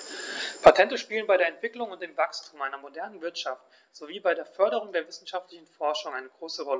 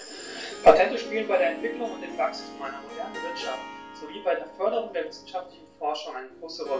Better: first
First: none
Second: background sound (Harp); 13 dB below the speech // room echo; dies away in 0.3 s

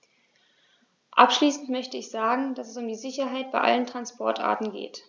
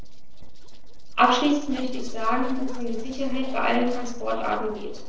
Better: first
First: none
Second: noise reduction (neural separator model SepFormer DNS4)

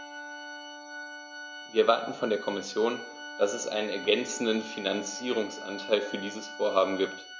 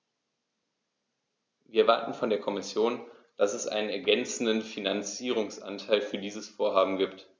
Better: second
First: background sound (Wind instrument, woodwind instrument + Organ); 12 dB below the speech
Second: none

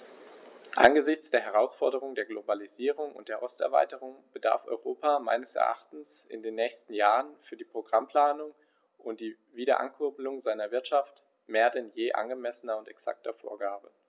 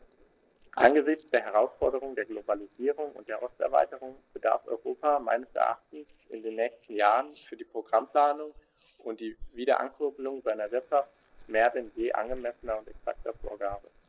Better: first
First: none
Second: noise reduction (neural separator model SepFormer DNS4)

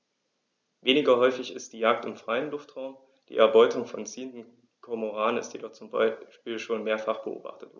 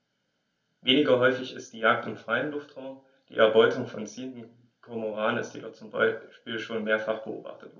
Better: first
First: none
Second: room echo; dies away in 0.2 s

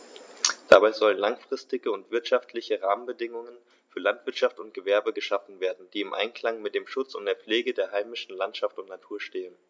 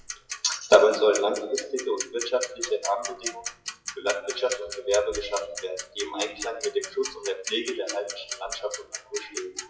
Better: first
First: none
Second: noise reduction (classical method WPE with log-MMSE)

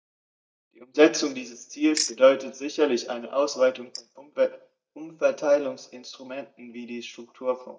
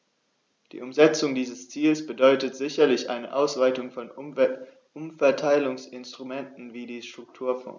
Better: second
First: noise reduction (neural mask model DeepFilterNet 3)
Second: none

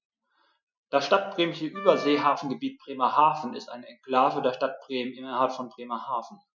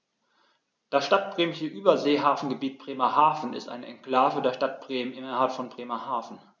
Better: second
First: noise reduction (classical method Wiener filter)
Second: none

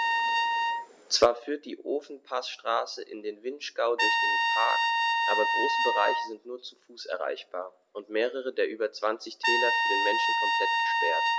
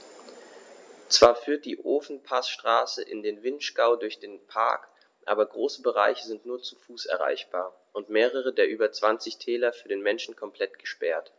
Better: second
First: background sound (Trumpet); 3 dB above the speech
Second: none

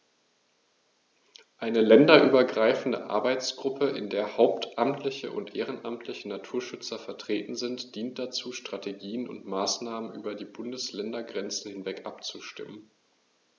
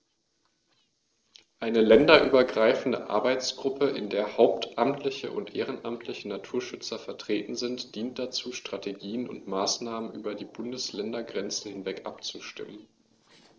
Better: first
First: none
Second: noise reduction (neural separator model SepFormer DNS4)

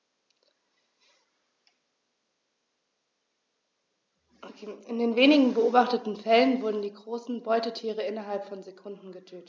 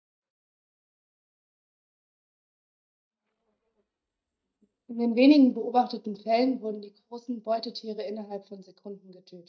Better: first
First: none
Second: noise reduction (neural mask model DeepFilterNet 3)

